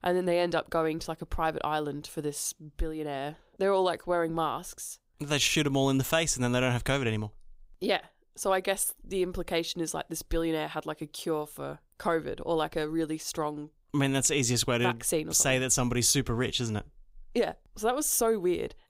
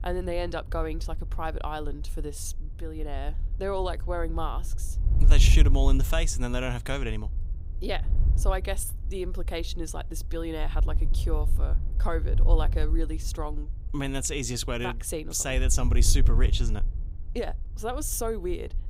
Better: first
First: none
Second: wind noise on the microphone; occasional gusts; 15 dB below the speech

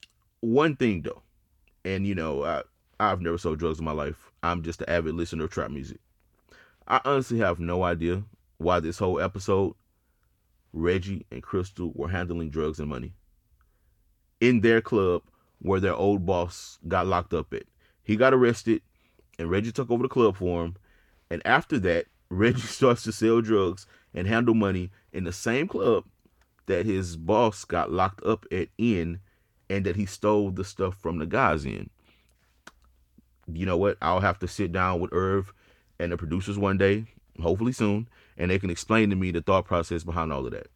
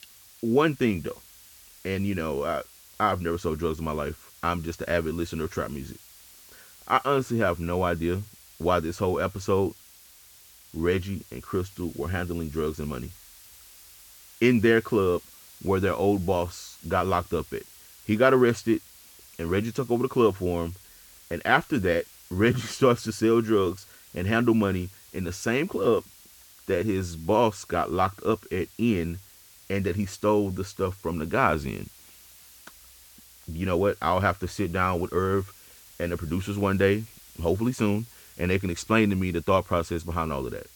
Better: first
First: none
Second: hiss; faint; throughout; 20 dB below the speech

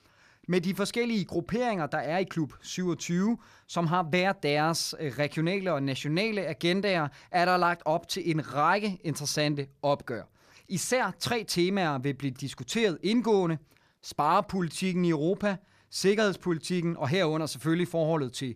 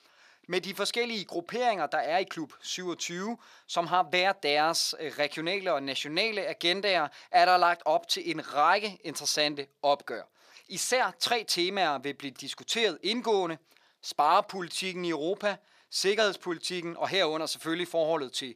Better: first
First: none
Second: thin; somewhat; fading below 400 Hz

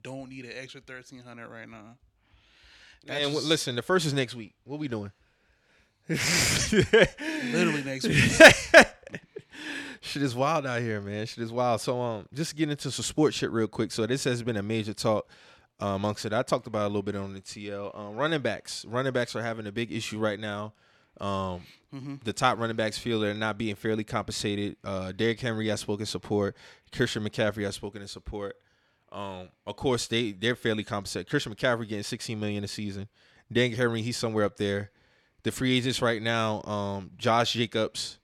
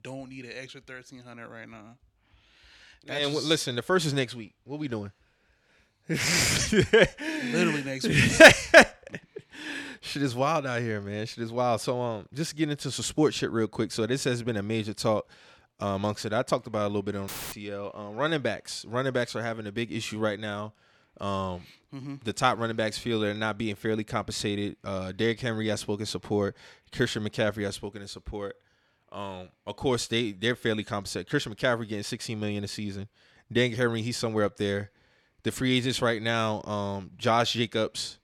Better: first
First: none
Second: audio cutting out; filled with static; at 17 s

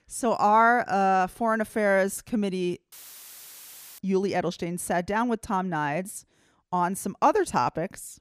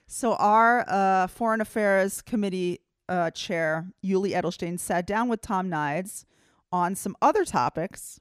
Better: second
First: audio cutting out; filled with static; at 3 s for 1 s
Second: none

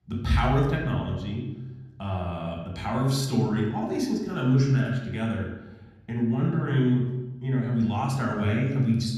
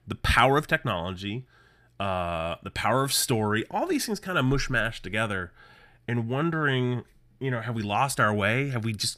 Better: second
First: room echo; noticeable; dies away in 1.4 s // off-mic speech; far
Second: none

